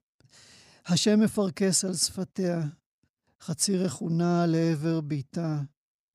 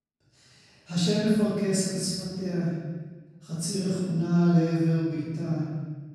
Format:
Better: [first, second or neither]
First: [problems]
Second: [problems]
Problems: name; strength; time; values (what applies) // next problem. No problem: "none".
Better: first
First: none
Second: off-mic speech; far // room echo; strong; dies away in 1.3 s